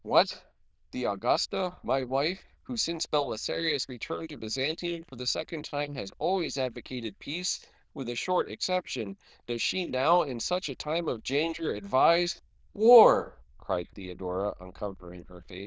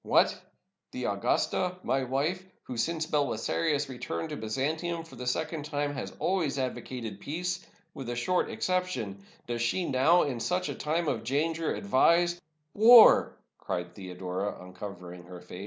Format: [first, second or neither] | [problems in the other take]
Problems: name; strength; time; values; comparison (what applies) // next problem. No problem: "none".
second | noise reduction (neural diffusion model UNIVERSE++)